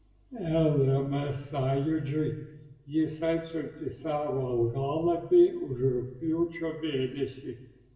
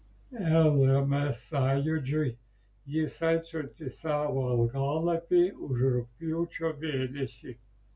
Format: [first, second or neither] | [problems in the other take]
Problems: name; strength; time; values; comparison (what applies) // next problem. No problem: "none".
second | room echo; dies away in 0.9 s